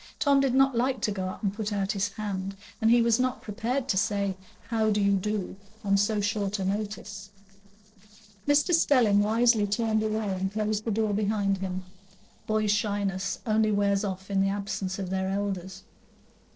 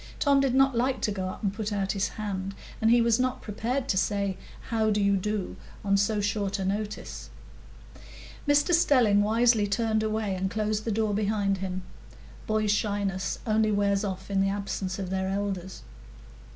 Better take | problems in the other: second | noise reduction (neural separator model SepFormer DNS4)

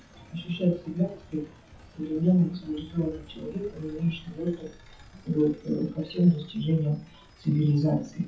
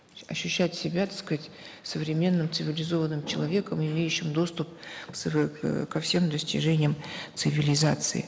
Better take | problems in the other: second | noise reduction (classical method WPE with log-MMSE)

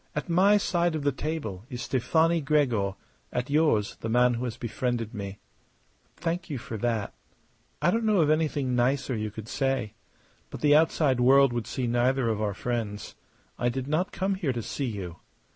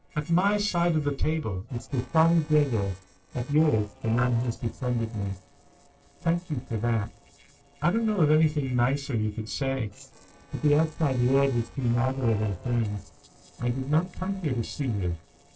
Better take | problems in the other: first | noise reduction (neural separator model SepFormer DNS4)

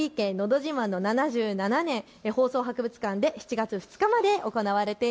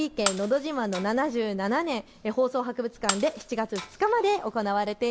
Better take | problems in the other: first | background sound (Shatter); 11 dB below the speech

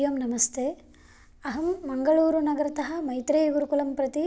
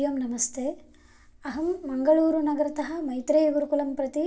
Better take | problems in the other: first | room echo; dies away in 0.2 s

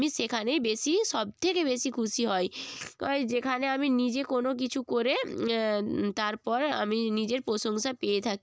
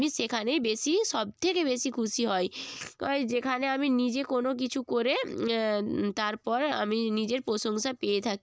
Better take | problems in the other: first | noise reduction (neural mask model Resemble Enhance denoiser)

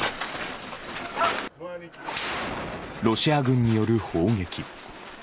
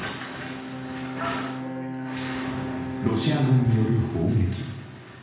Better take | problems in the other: first | background sound (Bowed string instrument); 8 dB below the speech // room echo; dies away in 1.1 s

